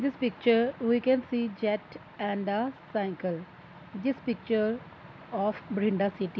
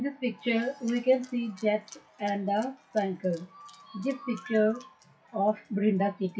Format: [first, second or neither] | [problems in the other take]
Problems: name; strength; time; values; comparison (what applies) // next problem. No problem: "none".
first | noise reduction (classical method WPE with log-MMSE)